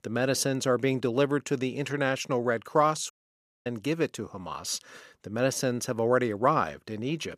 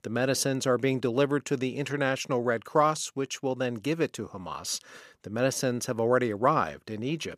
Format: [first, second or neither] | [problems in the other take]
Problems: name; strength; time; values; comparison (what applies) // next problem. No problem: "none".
second | audio cutting out; at 3 s for 0.5 s